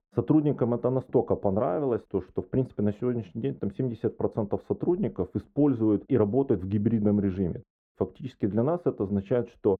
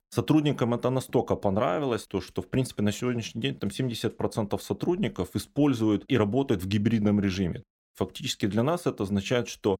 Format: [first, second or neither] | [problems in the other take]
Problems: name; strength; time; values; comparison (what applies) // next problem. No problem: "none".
second | muffled; very; fading above 2.5 kHz